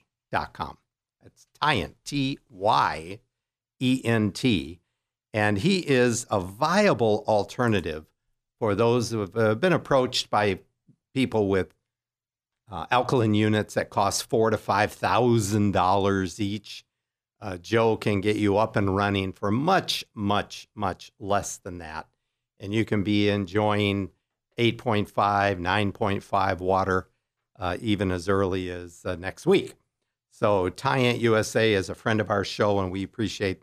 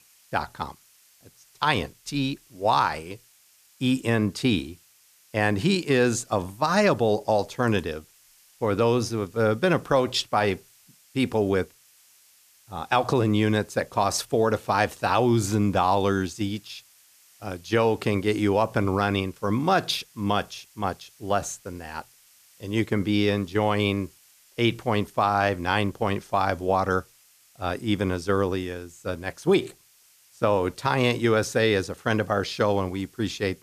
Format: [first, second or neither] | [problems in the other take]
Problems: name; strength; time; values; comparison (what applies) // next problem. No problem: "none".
first | hiss; faint; throughout; 30 dB below the speech